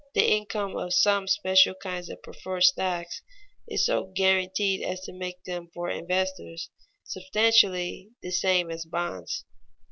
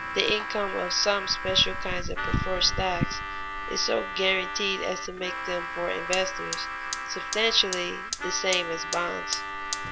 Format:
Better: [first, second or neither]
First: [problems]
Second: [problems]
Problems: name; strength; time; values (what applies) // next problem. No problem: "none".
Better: first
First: none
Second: background sound (Fire + Harmonica); 3 dB below the speech